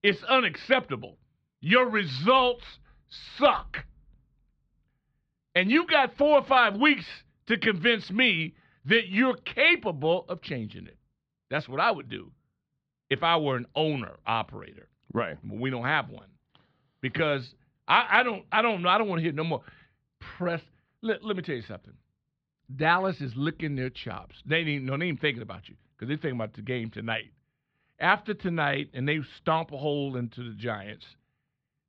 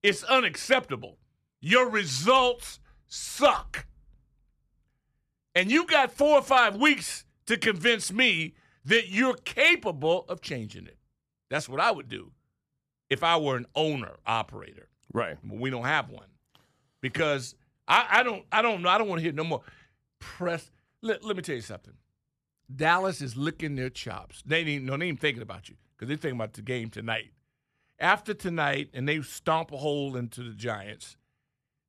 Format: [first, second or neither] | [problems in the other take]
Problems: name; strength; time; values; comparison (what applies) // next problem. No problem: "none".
second | muffled; slightly; fading above 4 kHz